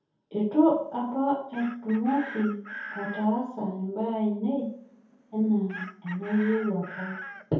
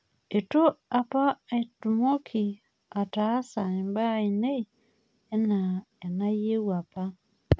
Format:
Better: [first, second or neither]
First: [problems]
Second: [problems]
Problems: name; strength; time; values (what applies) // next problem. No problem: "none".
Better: second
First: background sound (Chicken, rooster); 15 dB below the speech // room echo; dies away in 0.6 s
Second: none